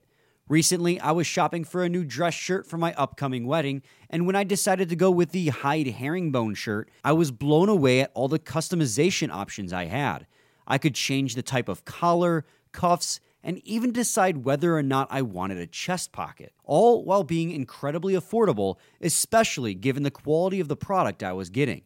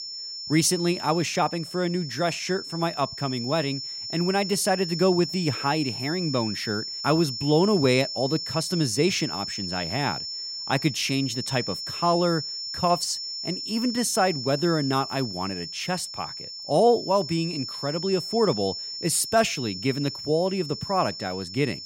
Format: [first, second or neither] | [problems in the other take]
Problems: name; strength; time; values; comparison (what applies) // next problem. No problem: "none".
first | high-pitched whine; loud; throughout; 5.5 kHz, 6 dB below the speech